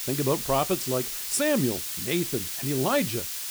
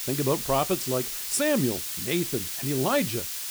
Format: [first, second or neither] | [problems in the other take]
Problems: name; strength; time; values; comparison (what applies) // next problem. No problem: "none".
neither | hiss; loud; throughout; 3 dB below the speech; the same in both